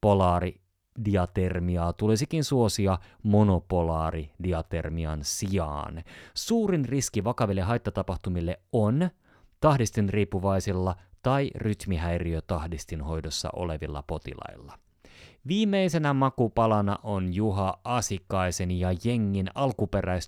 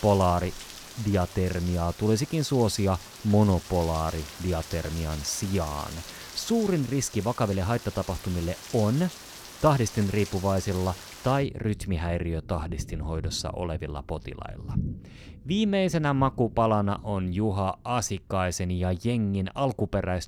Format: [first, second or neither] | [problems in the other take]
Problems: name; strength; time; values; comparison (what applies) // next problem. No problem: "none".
first | rain or running water; noticeable; throughout; 15 dB below the speech